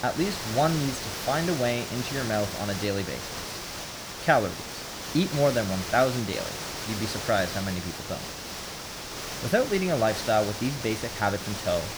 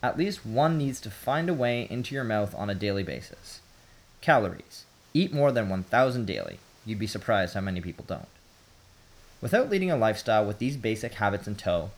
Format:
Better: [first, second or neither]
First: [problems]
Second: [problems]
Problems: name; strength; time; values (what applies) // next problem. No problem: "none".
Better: second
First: hiss; loud; throughout; 6 dB below the speech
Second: hiss; faint; throughout; 30 dB below the speech